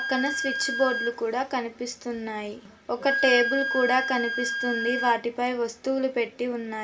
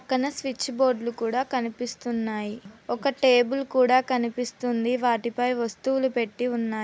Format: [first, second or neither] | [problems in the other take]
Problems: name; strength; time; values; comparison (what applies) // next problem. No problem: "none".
second | background sound (Wind instrument, woodwind instrument); 4 dB below the speech // room echo; dies away in 0.3 s